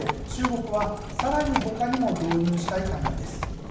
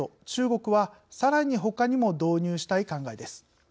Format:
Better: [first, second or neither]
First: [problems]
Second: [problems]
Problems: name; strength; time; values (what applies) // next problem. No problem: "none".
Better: second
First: background sound (Livestock, farm animals, working animals); 4 dB below the speech // room echo; dies away in 0.9 s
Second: none